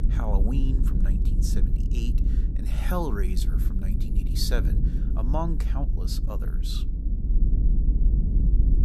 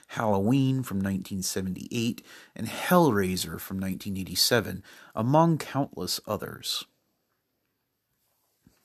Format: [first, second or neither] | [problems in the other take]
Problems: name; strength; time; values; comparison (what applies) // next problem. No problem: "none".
second | low rumble; loud; throughout; 6 dB below the speech